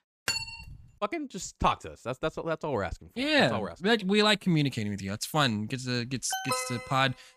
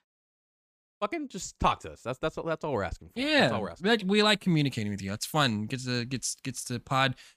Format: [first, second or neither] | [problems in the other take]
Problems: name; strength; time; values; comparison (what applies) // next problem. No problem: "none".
second | clattering dishes; noticeable; at 0.5 s; peak 2 dB below the speech // alarm; noticeable; at 6.5 s; peak 3 dB below the speech